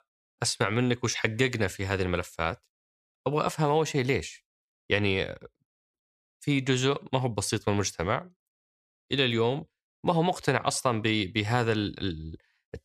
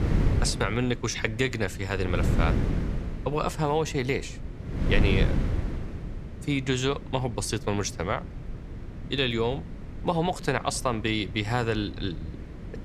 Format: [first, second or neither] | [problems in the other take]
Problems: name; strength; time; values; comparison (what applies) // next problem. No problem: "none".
first | wind noise on the microphone; occasional gusts; 10 dB below the speech